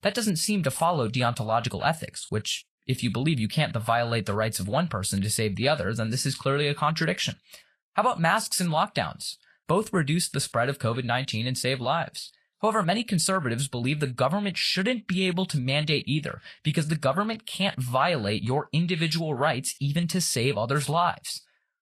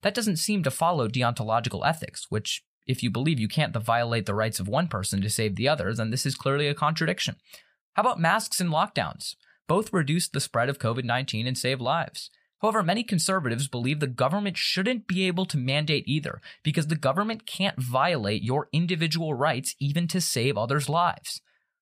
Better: second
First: garbled, watery; slightly; nothing above 12.5 kHz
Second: none

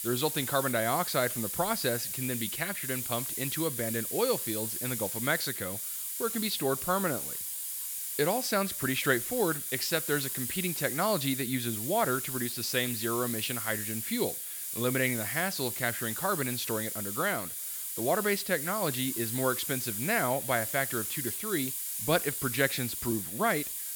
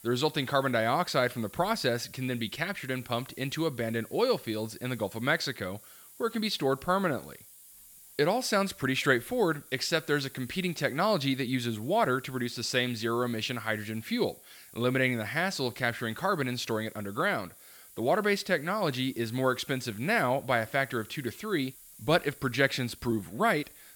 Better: second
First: hiss; loud; throughout; 2 dB below the speech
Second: hiss; faint; throughout; 20 dB below the speech

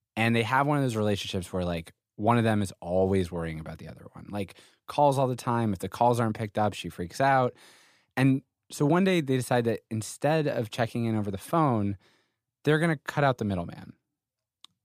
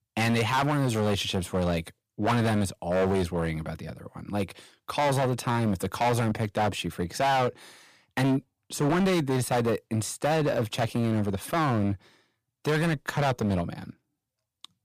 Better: first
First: none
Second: distortion; heavy; 13% of the sound clipped

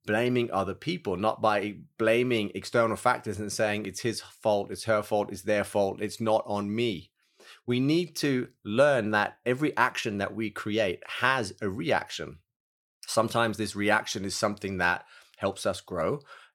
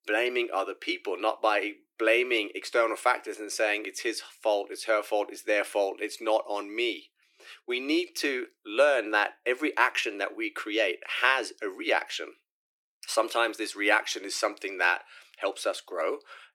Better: first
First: none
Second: thin; very; fading below 300 Hz

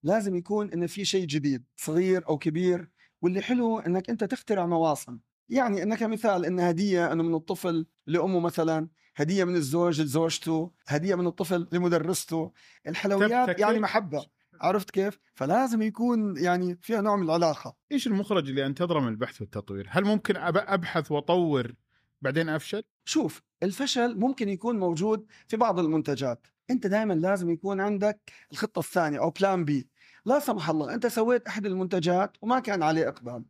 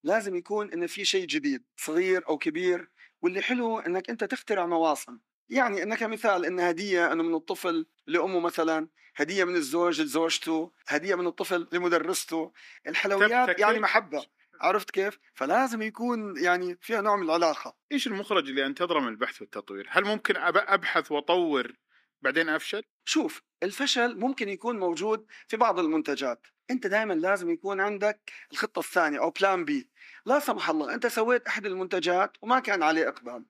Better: first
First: none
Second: thin; somewhat; fading below 300 Hz

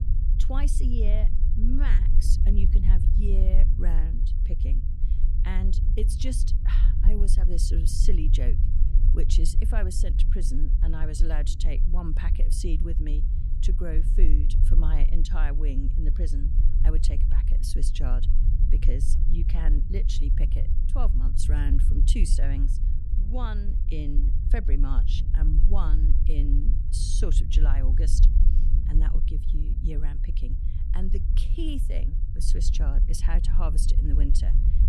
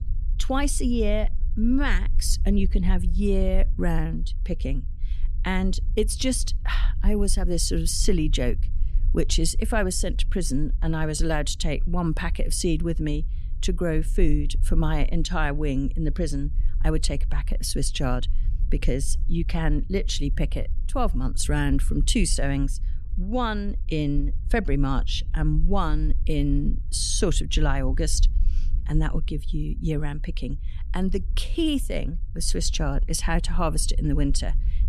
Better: second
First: low rumble; loud; throughout; 6 dB below the speech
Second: low rumble; faint; throughout; 20 dB below the speech

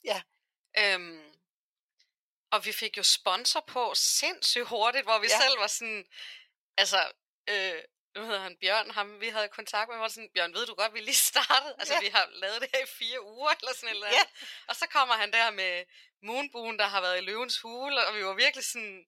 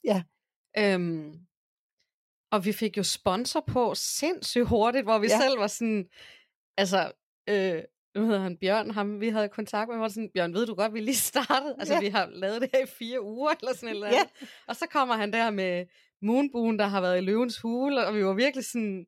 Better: second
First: thin; very; fading below 850 Hz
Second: none

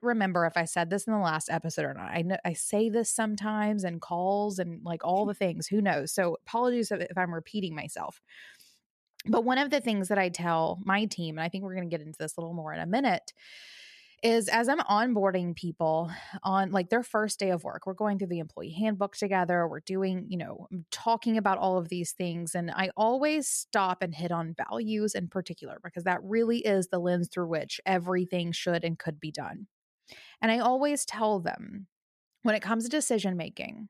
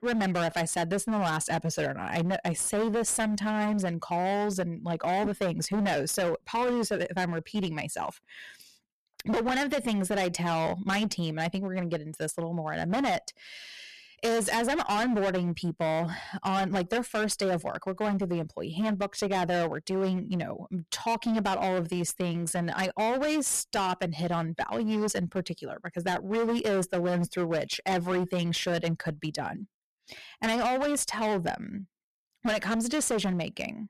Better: first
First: none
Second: distortion; heavy; 18% of the sound clipped

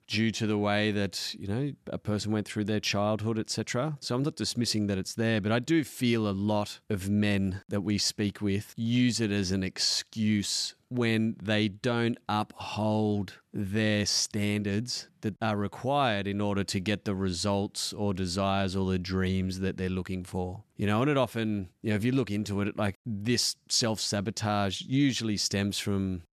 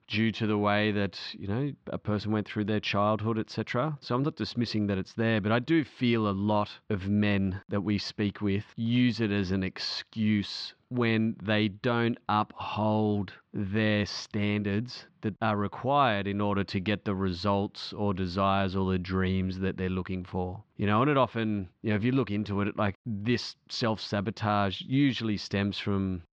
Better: first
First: none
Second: muffled; slightly; fading above 4 kHz

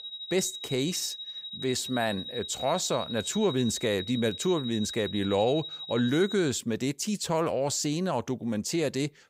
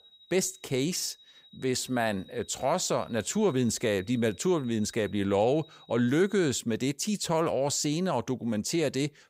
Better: second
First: high-pitched whine; loud; until 6.5 s; 4 kHz, 8 dB below the speech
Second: high-pitched whine; faint; until 6.5 s; 4 kHz, 25 dB below the speech

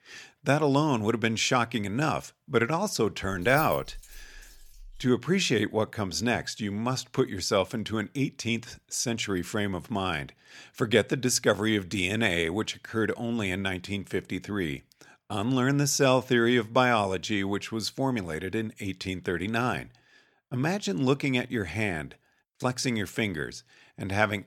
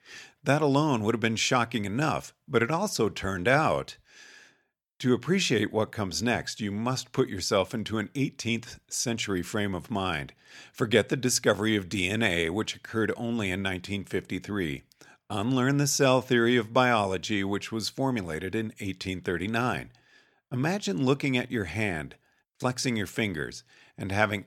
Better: second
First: jangling keys; faint; from 3.5 to 5 s; peak 10 dB below the speech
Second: none

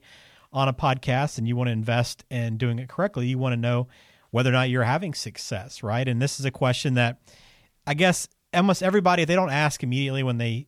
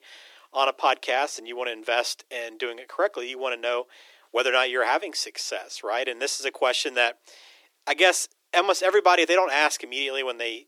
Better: first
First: none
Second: thin; very; fading below 300 Hz

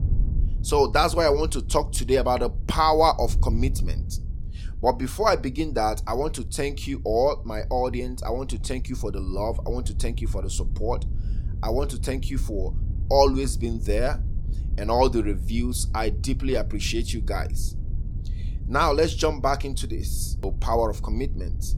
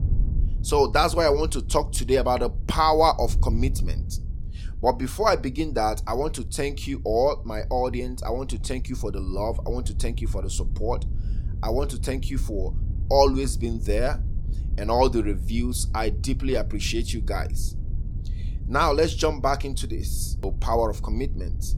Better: neither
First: wind noise on the microphone; occasional gusts; 25 dB below the speech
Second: wind noise on the microphone; occasional gusts; 25 dB below the speech

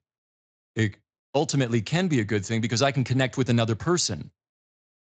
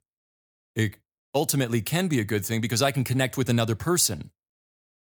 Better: second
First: garbled, watery; slightly; nothing above 7.5 kHz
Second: none

